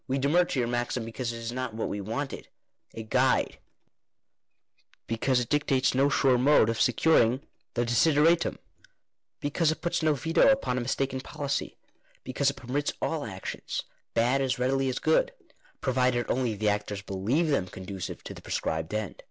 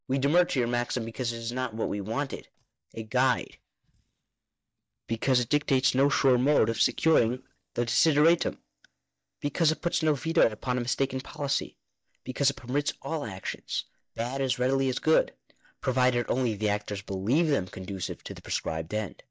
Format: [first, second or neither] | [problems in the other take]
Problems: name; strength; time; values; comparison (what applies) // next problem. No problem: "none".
first | noise reduction (neural mask model DeepFilterNet 3)